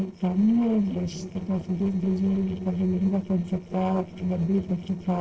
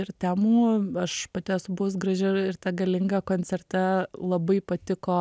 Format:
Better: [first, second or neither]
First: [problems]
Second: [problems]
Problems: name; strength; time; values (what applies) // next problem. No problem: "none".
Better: second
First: noise reduction (neural separator model SepFormer DNS4)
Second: none